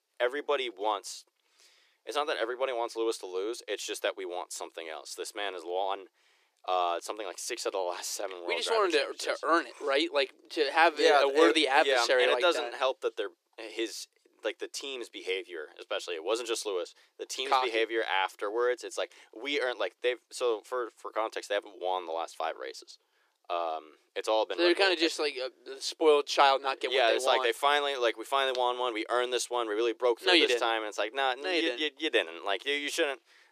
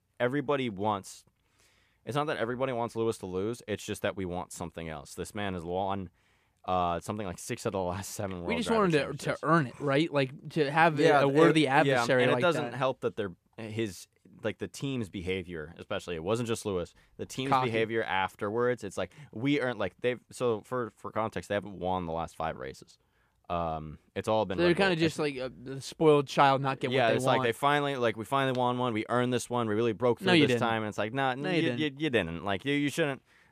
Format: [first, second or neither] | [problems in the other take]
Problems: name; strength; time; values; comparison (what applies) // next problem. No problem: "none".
second | thin; very; fading below 350 Hz